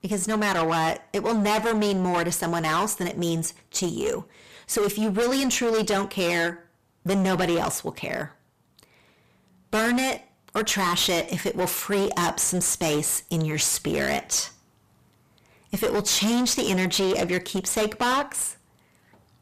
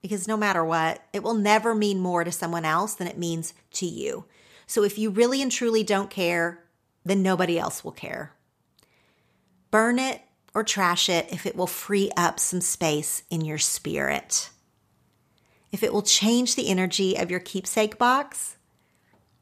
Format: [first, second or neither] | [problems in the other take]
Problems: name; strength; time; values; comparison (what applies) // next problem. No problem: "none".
second | distortion; heavy; 19% of the sound clipped